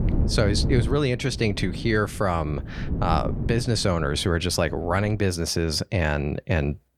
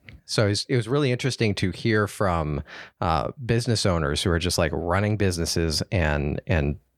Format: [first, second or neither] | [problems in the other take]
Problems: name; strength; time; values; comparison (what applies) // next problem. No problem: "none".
second | wind noise on the microphone; occasional gusts; until 5 s; 15 dB below the speech